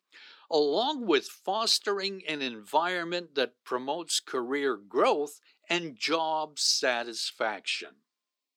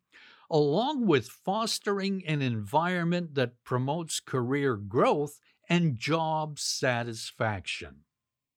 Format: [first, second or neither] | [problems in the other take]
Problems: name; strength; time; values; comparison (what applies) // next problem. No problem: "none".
second | thin; somewhat; fading below 300 Hz